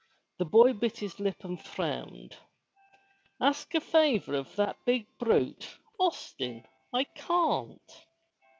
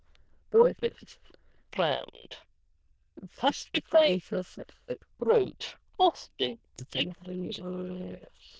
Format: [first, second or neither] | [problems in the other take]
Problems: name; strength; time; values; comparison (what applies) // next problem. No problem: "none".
first | noise reduction (neural diffusion model UNIVERSE++)